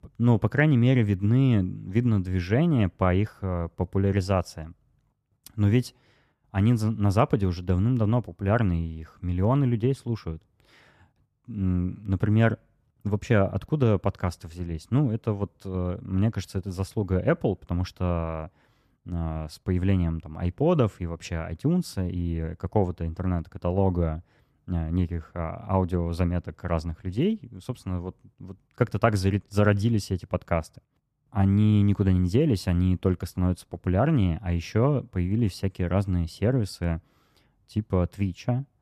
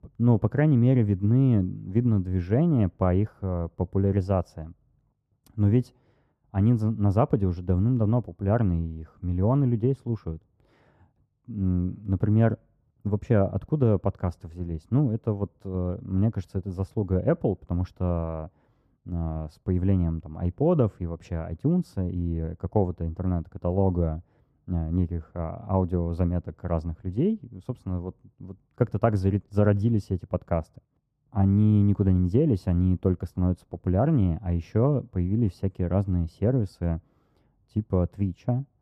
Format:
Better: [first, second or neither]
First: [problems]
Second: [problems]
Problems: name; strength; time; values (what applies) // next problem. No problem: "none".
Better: first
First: none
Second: muffled; slightly; fading above 1.5 kHz